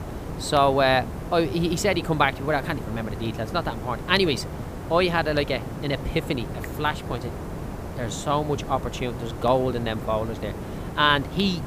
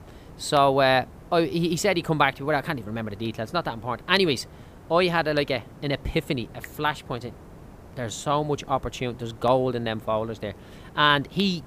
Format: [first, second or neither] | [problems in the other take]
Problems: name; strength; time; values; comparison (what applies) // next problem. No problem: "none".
second | hiss; loud; throughout; 9 dB below the speech; faint in the second